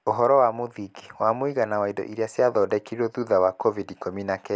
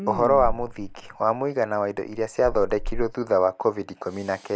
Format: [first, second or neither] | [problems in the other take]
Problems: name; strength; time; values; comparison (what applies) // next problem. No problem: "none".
first | background sound (Respiratory sounds); 8 dB below the speech